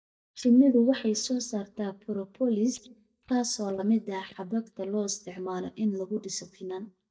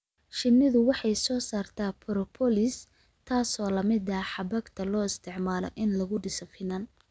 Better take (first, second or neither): second